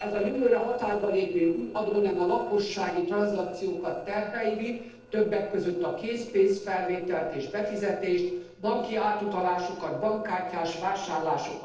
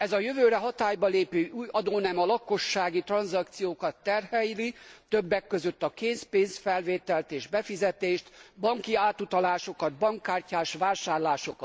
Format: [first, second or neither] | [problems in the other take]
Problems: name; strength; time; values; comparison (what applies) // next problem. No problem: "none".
second | noise reduction (neural separator model SepFormer DNS4)